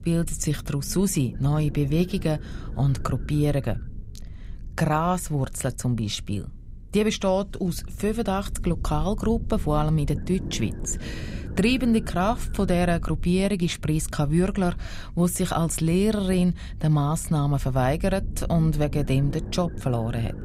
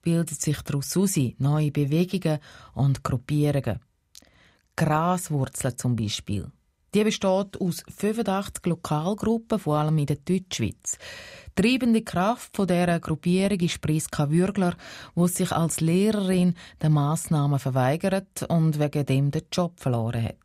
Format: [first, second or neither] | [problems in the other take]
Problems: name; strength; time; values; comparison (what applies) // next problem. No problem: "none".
second | low rumble; noticeable; throughout; 20 dB below the speech